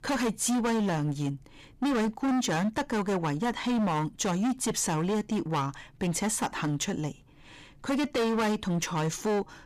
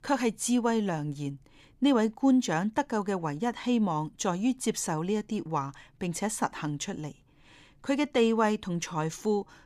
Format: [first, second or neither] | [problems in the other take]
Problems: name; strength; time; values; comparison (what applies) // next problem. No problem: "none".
second | distortion; heavy; 22% of the sound clipped